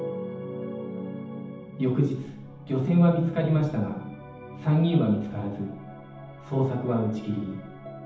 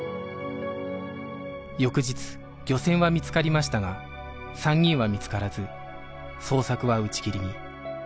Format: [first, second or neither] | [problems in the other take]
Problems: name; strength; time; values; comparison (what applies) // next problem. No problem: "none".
second | room echo; dies away in 0.8 s